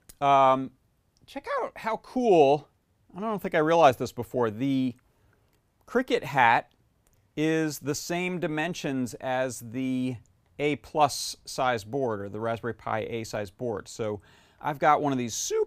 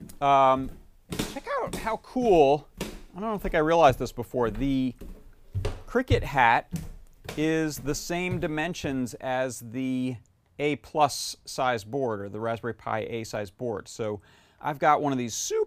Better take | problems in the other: first | footsteps; noticeable; until 9 s; peak 5 dB below the speech

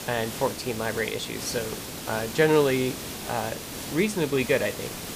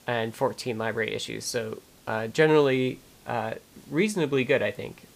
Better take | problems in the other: second | hiss; loud; throughout; 8 dB below the speech; faint in the second

